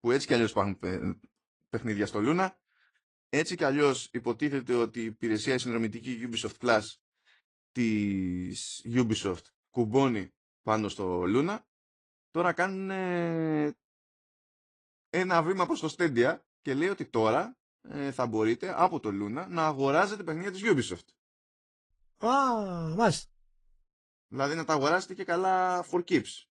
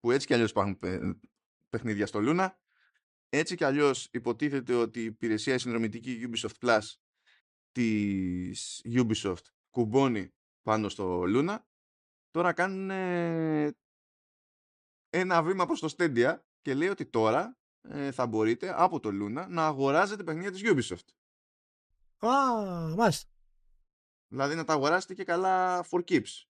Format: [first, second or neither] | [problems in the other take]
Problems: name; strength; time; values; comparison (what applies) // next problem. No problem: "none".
second | garbled, watery; slightly